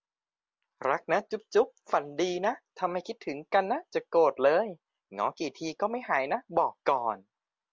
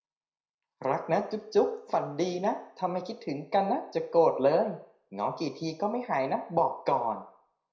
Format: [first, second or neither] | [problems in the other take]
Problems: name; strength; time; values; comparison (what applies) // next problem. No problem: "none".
first | room echo; dies away in 0.5 s